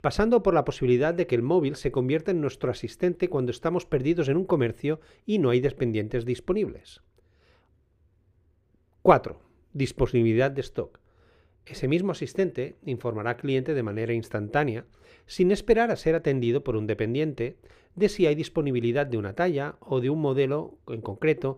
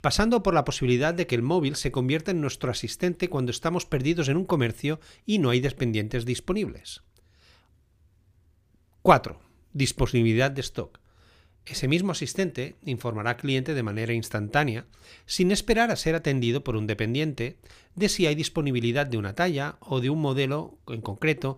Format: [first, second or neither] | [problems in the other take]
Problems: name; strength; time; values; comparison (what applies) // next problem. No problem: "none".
second | muffled; slightly; fading above 3.5 kHz